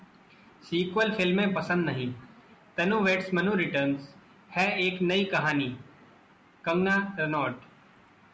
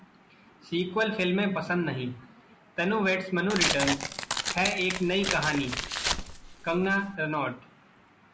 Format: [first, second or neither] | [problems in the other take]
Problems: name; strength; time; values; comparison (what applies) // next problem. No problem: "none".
first | background sound (Tearing); 3 dB below the speech